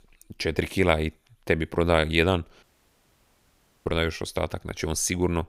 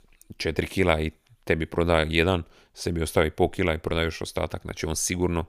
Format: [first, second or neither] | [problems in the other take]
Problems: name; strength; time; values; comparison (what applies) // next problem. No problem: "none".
second | audio cutting out; at 2.5 s for 1 s